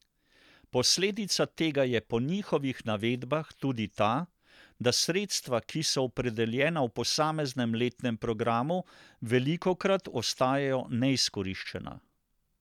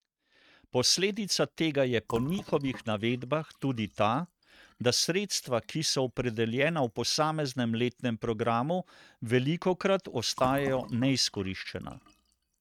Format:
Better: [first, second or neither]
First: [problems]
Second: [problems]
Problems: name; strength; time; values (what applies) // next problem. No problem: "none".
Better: first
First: none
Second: noise reduction (neural mask model RNNoise)